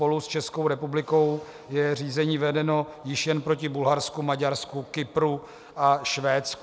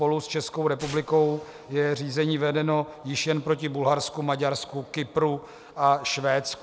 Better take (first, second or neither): first